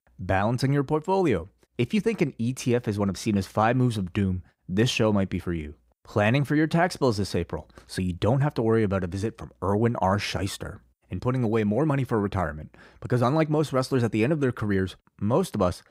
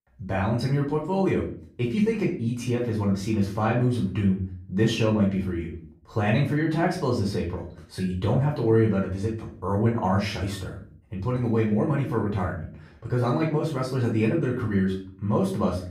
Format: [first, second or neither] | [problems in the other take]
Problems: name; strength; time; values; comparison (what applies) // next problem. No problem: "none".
first | off-mic speech; far // room echo; slight; dies away in 0.4 s